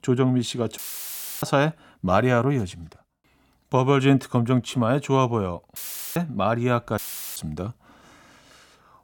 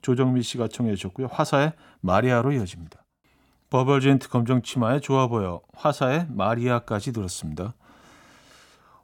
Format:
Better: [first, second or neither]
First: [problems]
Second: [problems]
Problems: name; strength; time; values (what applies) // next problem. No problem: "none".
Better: second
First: audio cutting out; filled with static; at 1 s for 0.5 s, at 6 s and at 7 s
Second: none